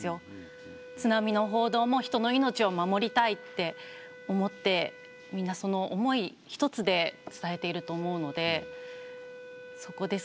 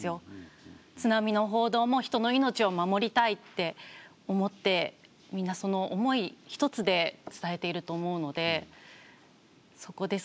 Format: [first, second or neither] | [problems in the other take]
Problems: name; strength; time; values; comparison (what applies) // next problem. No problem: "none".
second | background sound (Wind instrument, woodwind instrument); 16 dB below the speech